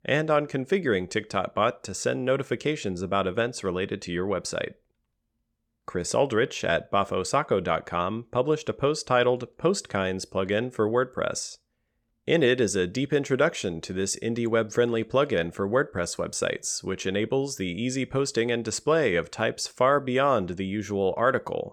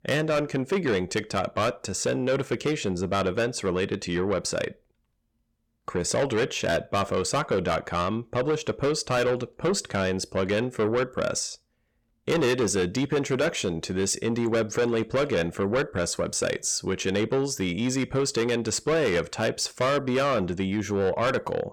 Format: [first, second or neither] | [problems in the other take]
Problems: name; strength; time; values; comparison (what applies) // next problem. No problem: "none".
first | distortion; heavy; 8 dB below the speech